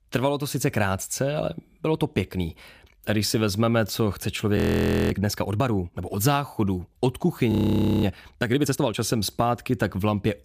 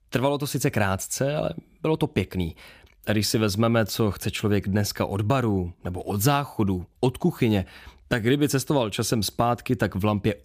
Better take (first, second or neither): second